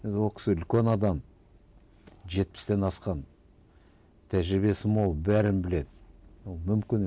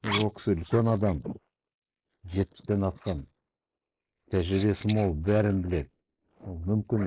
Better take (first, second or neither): first